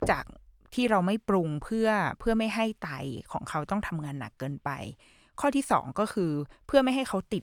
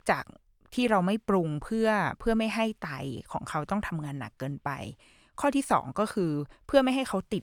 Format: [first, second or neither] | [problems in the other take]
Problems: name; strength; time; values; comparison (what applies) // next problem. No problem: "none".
second | door banging; noticeable; at the start; peak 8 dB below the speech